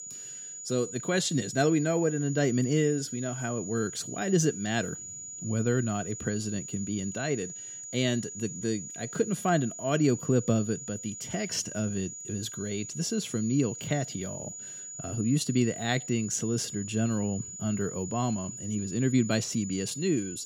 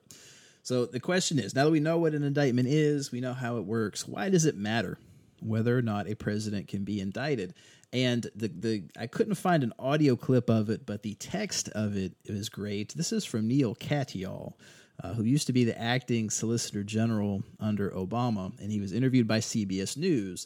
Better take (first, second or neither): second